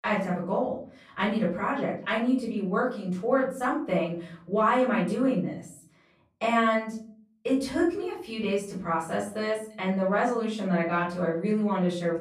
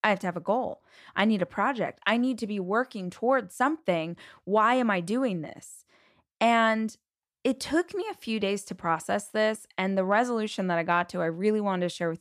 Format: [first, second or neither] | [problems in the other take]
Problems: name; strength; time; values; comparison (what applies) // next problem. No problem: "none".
second | room echo; noticeable; dies away in 0.5 s // off-mic speech; far